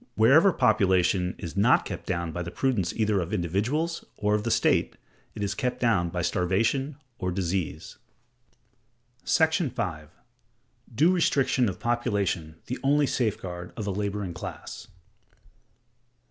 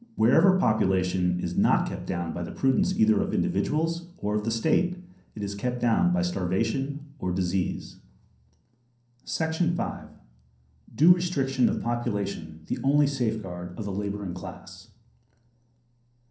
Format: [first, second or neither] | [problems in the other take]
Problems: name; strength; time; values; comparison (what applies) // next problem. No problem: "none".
first | room echo; dies away in 0.6 s